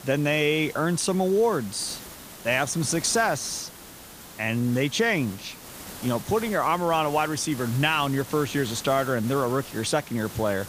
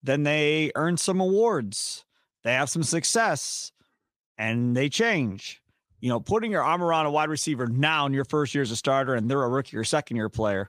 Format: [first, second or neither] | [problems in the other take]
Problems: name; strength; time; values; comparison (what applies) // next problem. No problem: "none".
second | hiss; noticeable; throughout; 15 dB below the speech